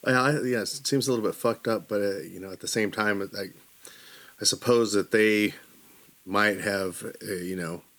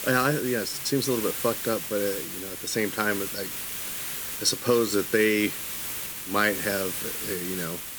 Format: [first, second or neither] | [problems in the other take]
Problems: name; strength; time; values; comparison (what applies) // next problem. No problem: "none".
first | hiss; loud; throughout; 4 dB below the speech; faint in the first